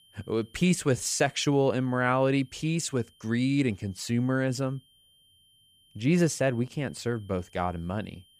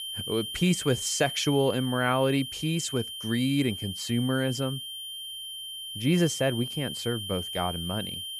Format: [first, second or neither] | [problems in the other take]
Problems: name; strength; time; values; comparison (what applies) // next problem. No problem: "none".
first | high-pitched whine; loud; throughout; 3 kHz, 7 dB below the speech; faint in the first